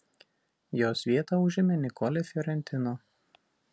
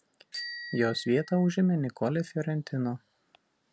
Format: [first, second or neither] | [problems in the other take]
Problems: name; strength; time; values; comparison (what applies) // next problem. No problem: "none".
first | background sound (Bicycle bell); 16 dB below the speech